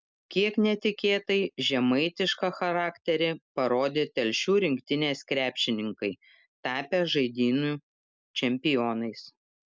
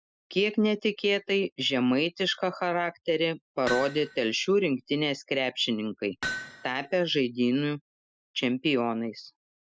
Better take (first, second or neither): first